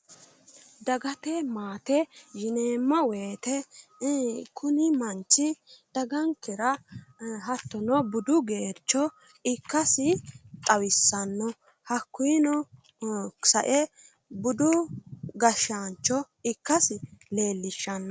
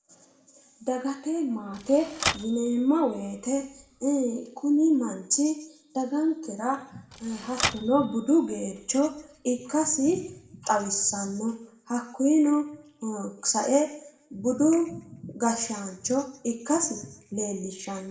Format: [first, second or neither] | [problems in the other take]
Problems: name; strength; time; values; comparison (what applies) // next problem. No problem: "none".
first | background sound (Typewriter); 9 dB below the speech // room echo; dies away in 0.7 s